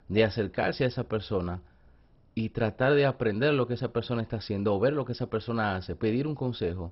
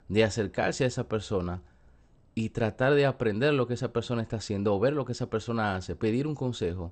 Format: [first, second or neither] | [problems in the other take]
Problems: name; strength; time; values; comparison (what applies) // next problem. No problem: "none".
second | garbled, watery; badly; nothing above 5.5 kHz; slightly in the second